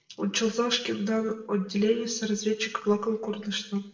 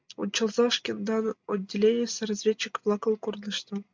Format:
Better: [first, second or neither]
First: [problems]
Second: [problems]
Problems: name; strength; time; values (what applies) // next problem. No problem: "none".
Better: second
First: room echo; dies away in 0.6 s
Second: none